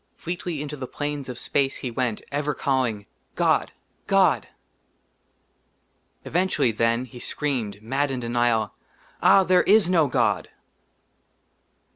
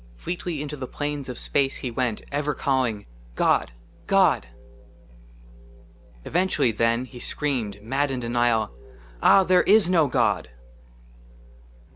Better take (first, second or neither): first